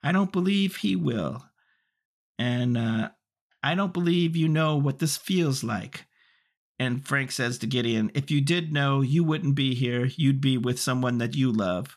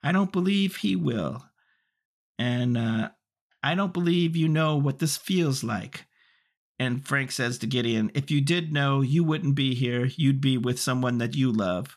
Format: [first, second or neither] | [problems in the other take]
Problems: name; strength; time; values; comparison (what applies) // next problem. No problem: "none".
neither | none